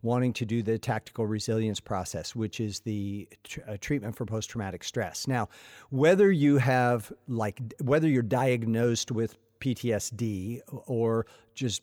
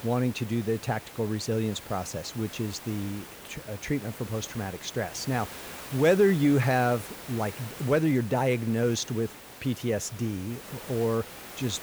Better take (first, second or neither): first